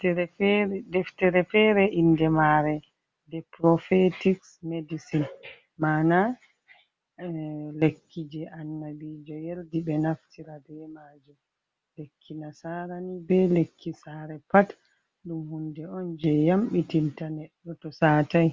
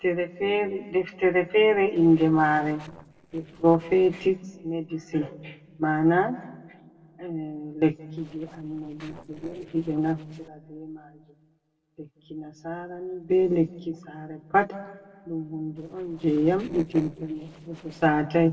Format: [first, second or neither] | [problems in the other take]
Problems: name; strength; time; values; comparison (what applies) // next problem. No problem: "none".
first | noise reduction (neural separator model SepFormer DNS4)